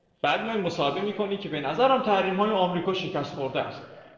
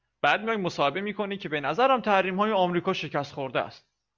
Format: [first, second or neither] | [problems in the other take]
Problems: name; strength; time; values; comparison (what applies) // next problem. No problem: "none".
second | noise reduction (neural separator model SepFormer DNS4)